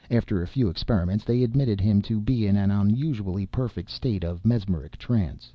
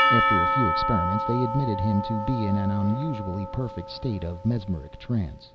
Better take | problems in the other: first | background sound (Percussion); 1 dB below the speech

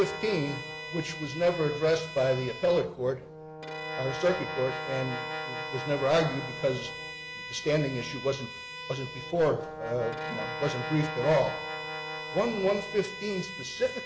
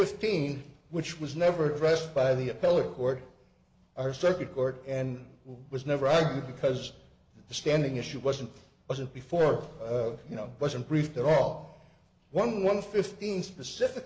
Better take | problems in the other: second | background sound (Brass instrument + Bowed string instrument); 8 dB below the speech

